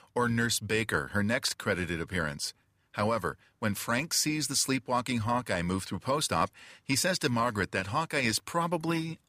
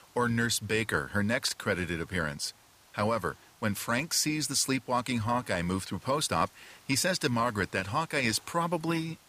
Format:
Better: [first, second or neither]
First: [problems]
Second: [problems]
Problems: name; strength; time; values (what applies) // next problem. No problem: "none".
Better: first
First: none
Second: hiss; faint; throughout; 25 dB below the speech